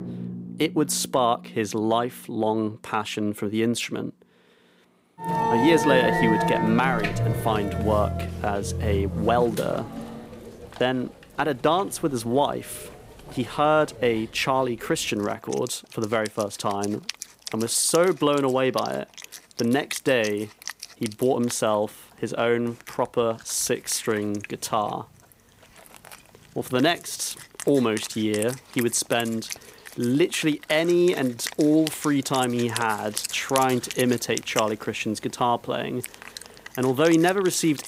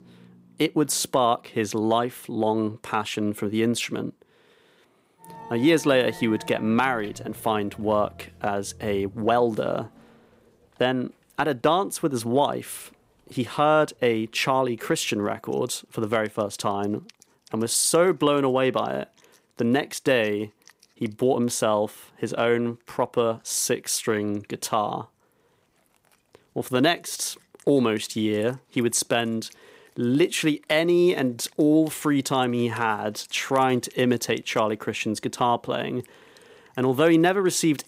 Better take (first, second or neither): second